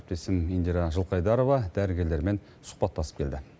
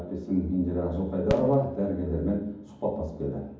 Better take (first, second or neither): first